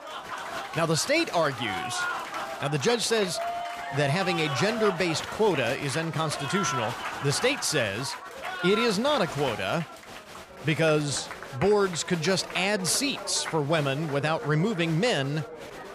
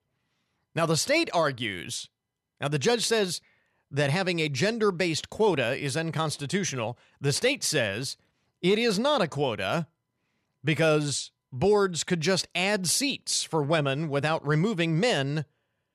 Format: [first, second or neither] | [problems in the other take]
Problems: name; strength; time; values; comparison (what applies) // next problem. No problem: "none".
second | crowd noise; loud; throughout; 8 dB below the speech